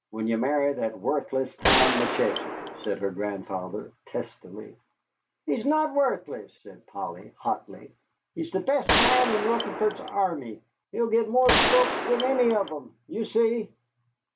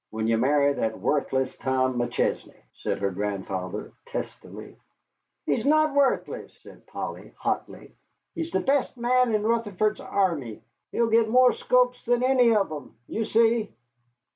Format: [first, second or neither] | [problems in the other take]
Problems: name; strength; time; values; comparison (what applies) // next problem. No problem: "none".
second | background sound (Gunshot, gunfire); 2 dB above the speech